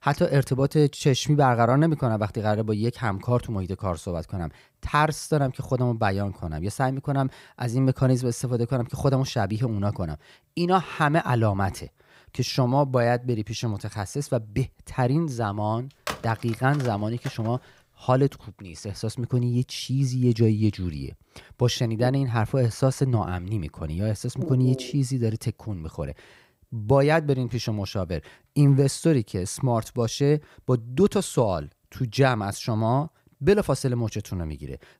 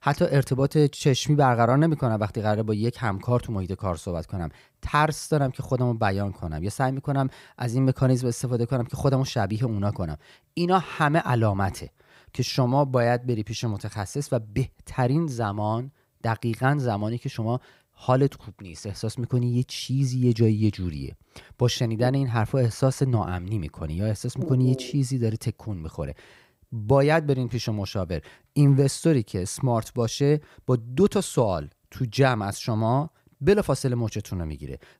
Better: second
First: phone ringing; noticeable; from 16 to 17 s; peak 9 dB below the speech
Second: none

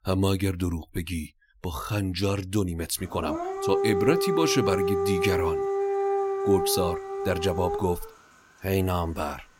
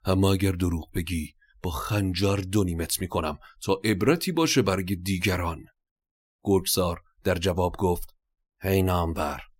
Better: second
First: dog barking; loud; from 3 to 8 s; peak 3 dB above the speech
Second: none

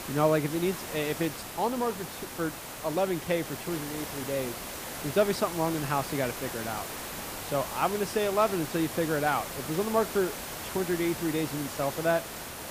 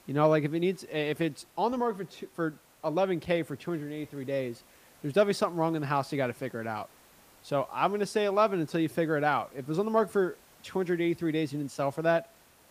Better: second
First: hiss; loud; throughout; 7 dB below the speech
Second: hiss; faint; throughout; 25 dB below the speech

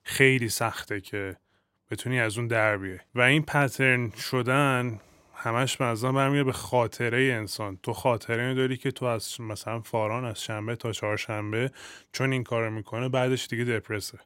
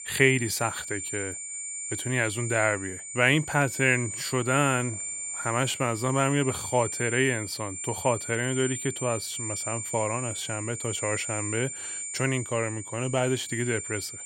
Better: first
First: none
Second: high-pitched whine; loud; throughout; 7 kHz, 6 dB below the speech

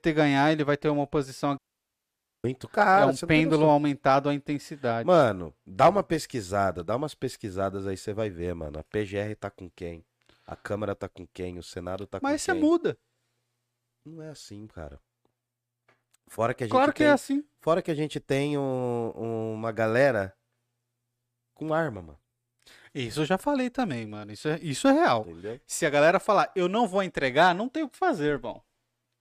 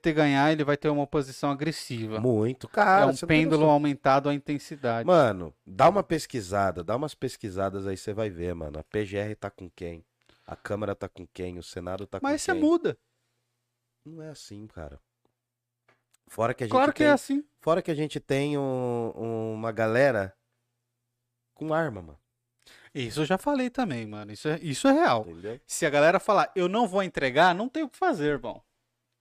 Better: second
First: audio cutting out; at 1.5 s for 1 s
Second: none

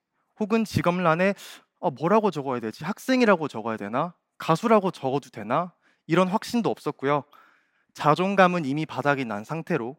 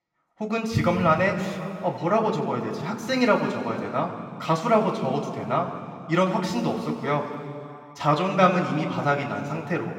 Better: first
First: none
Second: room echo; noticeable; dies away in 2.4 s // off-mic speech; somewhat distant

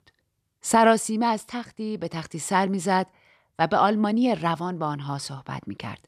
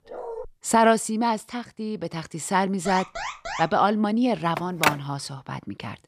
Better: first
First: none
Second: dog barking; faint; at the start; peak 10 dB below the speech // alarm; noticeable; at 3 s; peak 7 dB below the speech // phone ringing; loud; at 4.5 s; peak 1 dB above the speech

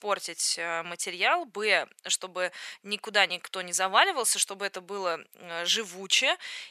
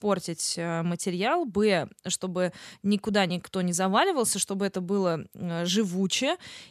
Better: second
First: thin; very; fading below 650 Hz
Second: none

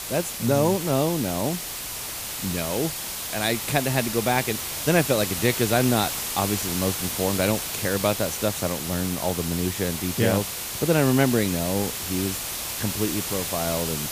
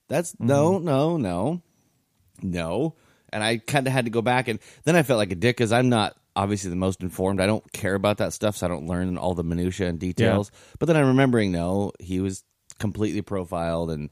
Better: second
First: hiss; loud; throughout; 3 dB below the speech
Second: none

